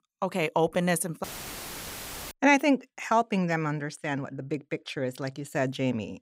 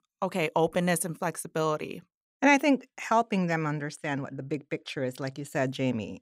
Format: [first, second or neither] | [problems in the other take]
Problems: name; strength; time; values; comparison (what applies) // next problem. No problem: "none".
second | audio cutting out; filled with static; at 1 s for 1 s